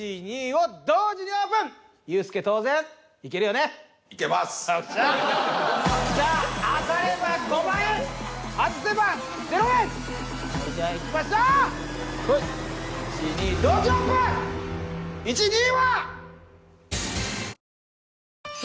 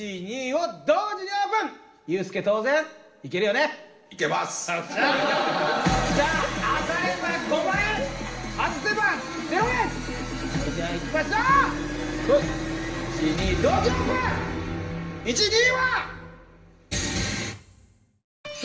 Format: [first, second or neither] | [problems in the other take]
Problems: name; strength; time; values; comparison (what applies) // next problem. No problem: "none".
first | room echo; dies away in 1.3 s